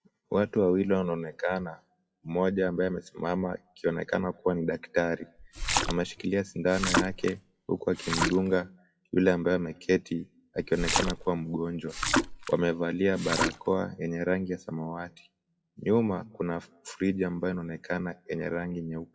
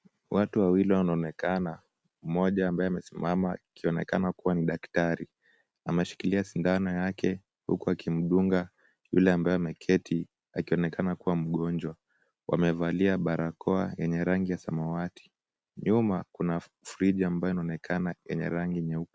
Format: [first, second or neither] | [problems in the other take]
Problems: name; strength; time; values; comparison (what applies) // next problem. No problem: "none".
second | noise reduction (classical method WPE with log-MMSE)